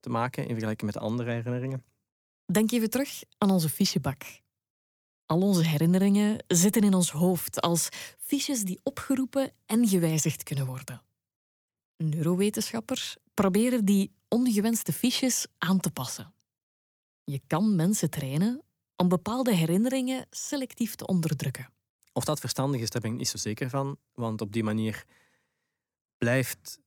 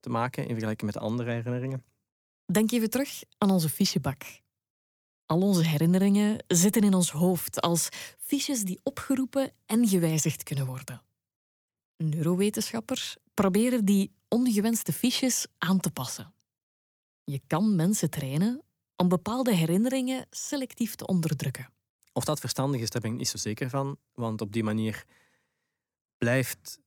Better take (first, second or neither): neither